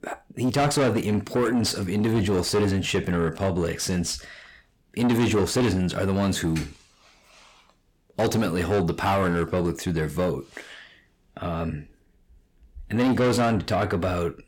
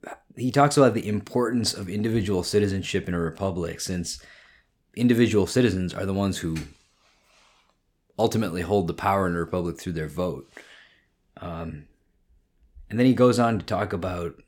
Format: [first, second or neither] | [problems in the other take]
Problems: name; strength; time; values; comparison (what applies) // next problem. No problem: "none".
second | distortion; heavy; 6 dB below the speech